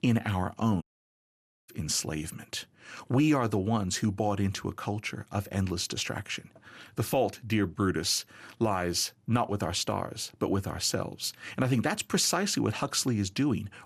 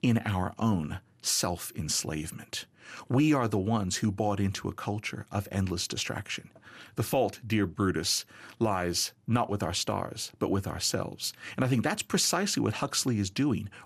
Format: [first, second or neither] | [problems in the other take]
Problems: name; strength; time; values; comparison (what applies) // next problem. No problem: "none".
second | audio cutting out; at 1 s for 1 s